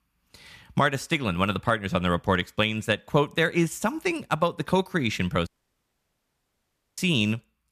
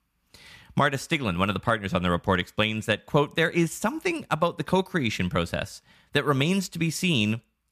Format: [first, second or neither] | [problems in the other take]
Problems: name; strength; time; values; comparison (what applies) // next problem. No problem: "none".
second | audio cutting out; at 5.5 s for 1.5 s